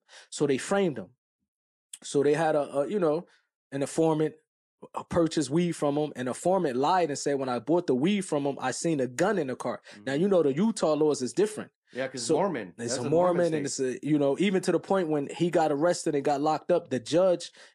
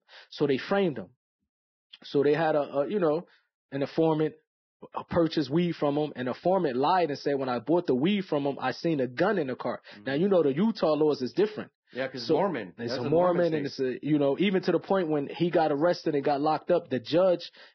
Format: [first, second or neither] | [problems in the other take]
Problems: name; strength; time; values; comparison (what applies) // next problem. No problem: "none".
first | garbled, watery; badly; nothing above 5.5 kHz; slightly in the first